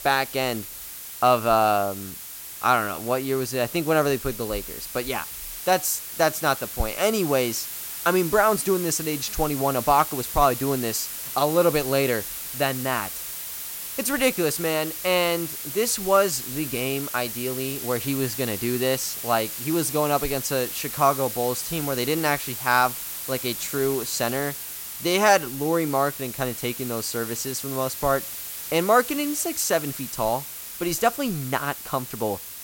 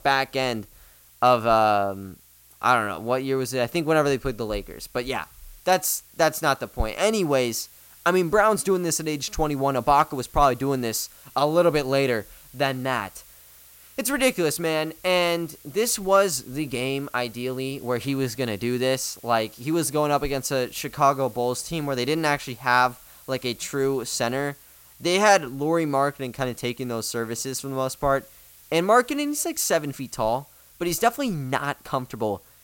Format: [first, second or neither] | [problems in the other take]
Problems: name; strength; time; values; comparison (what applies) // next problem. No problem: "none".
second | hiss; loud; throughout; 7 dB below the speech; faint in the second